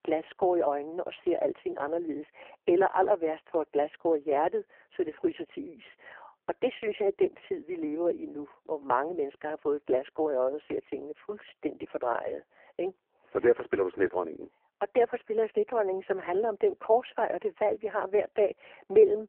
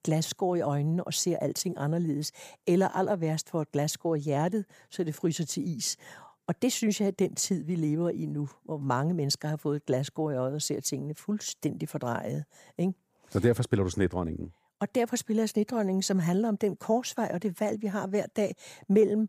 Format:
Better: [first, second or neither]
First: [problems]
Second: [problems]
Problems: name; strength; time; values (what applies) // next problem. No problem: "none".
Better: second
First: phone-call audio; poor line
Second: none